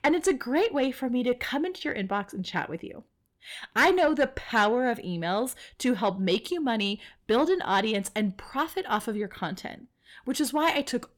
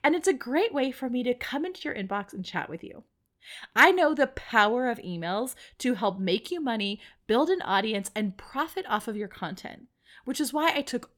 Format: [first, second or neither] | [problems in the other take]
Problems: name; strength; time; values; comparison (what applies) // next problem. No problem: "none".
second | distortion; slight; 10 dB below the speech